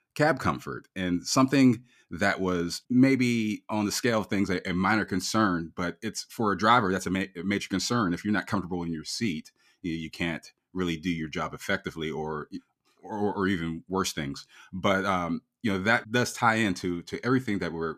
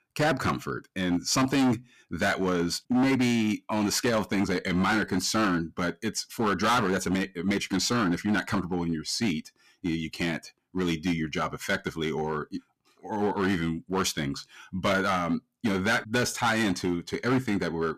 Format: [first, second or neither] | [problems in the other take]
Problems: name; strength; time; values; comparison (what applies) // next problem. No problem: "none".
first | distortion; heavy; 9% of the sound clipped